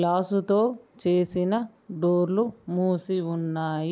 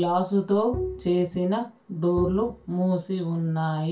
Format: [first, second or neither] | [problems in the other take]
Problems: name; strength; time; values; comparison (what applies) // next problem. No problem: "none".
first | background sound (Bowed string instrument); 10 dB below the speech // room echo; dies away in 0.2 s